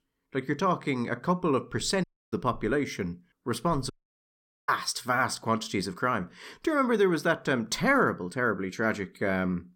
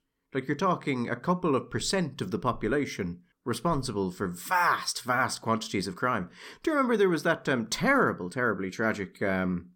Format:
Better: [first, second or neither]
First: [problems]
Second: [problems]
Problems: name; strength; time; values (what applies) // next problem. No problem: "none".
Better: second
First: audio cutting out; at 2 s and at 4 s for 1 s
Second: none